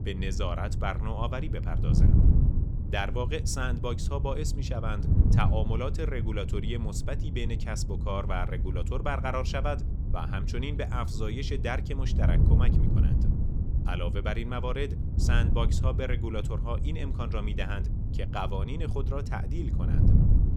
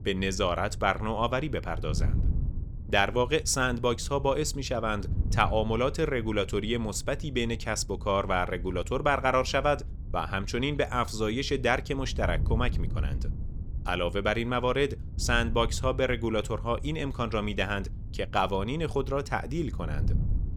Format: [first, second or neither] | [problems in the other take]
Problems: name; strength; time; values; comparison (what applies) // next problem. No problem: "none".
second | wind noise on the microphone; heavy; 7 dB below the speech; occasional gusts in the second